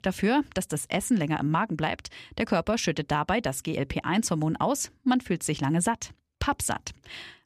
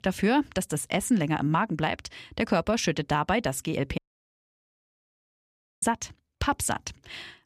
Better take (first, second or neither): first